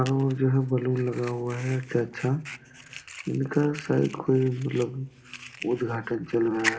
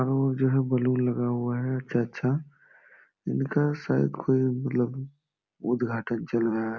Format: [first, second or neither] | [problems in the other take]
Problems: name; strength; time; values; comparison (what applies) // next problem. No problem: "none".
second | background sound (Fire); 14 dB below the speech // room echo; dies away in 0.8 s